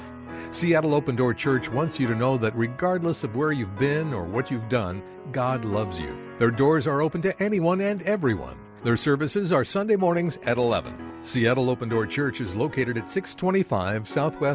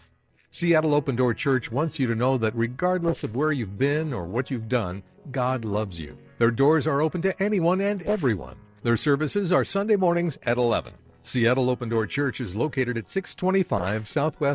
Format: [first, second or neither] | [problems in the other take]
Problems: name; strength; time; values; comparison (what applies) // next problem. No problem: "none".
first | noise reduction (neural separator model SepFormer DNS4)